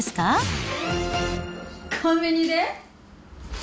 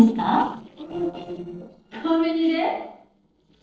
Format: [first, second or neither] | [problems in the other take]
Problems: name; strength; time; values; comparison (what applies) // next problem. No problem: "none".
first | noise reduction (neural separator model SepFormer DNS4)